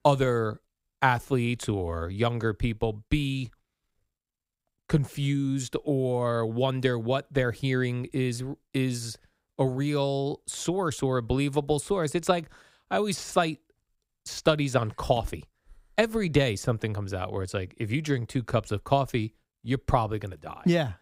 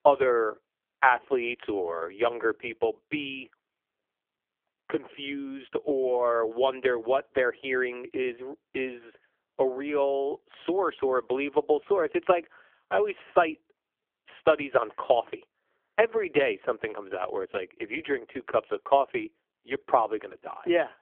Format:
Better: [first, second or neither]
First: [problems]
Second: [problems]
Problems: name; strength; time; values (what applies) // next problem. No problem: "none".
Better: first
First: none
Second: phone-call audio; poor line; nothing above 3.5 kHz